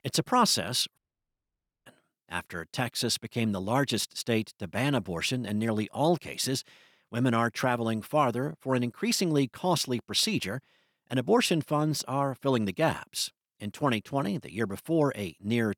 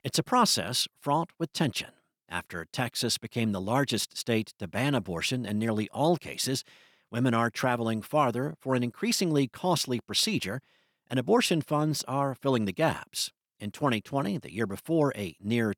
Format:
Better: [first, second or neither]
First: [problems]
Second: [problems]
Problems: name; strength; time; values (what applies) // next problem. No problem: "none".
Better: second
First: audio cutting out; at 1 s for 1 s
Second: none